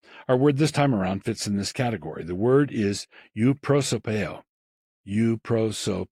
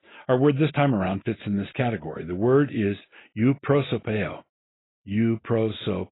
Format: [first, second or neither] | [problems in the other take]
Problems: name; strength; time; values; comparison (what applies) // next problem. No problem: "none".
first | garbled, watery; badly; nothing above 4 kHz; slightly in the first